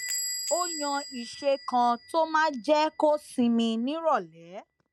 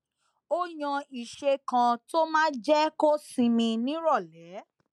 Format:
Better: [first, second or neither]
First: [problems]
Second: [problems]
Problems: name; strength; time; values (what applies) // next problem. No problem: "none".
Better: second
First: background sound (Door / Bell); 12 dB below the speech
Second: none